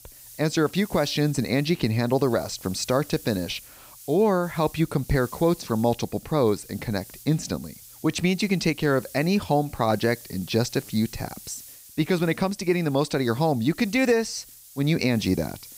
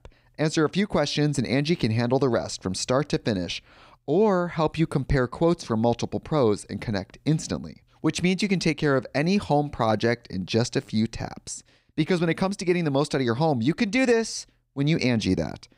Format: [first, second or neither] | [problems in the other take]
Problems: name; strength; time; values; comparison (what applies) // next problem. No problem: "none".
second | hiss; noticeable; throughout; 20 dB below the speech